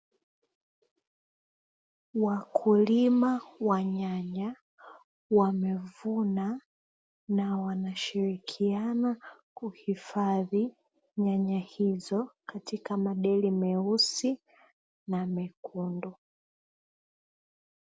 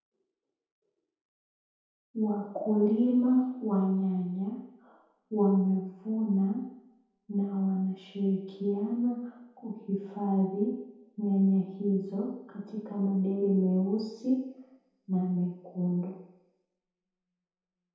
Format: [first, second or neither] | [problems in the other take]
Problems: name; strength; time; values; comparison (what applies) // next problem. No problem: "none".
first | room echo; dies away in 0.8 s